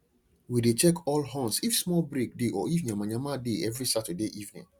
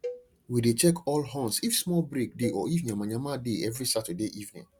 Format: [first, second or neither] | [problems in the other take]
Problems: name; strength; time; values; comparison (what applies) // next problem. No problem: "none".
first | background sound (Cowbell); 15 dB below the speech